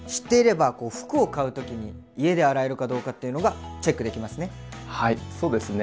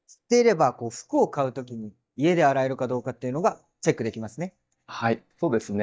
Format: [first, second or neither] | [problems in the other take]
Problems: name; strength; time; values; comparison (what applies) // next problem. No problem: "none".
first | noise reduction (neural mask model DeepFilterNet 3)